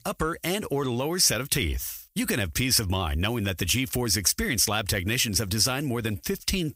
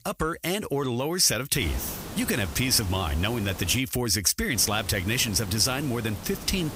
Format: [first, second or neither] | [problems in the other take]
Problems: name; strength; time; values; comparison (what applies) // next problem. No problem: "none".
first | hiss; noticeable; from 1.5 to 4 s and from 4.5 s on; 15 dB below the speech